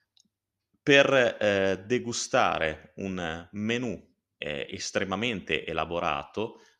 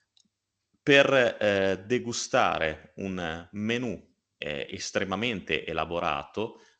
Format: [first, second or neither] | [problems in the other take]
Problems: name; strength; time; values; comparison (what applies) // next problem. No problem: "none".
first | garbled, watery; slightly; nothing above 7.5 kHz